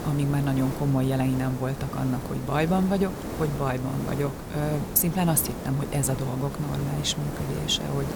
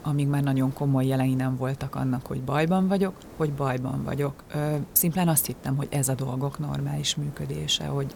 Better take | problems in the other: second | hiss; loud; throughout; 8 dB below the speech; faint in the second

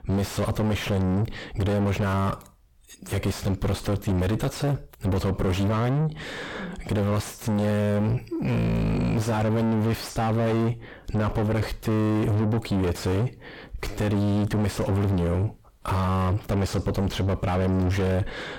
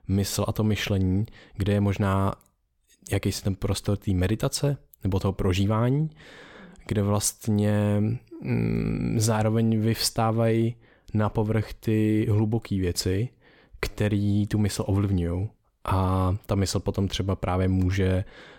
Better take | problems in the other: second | distortion; heavy; 5 dB below the speech

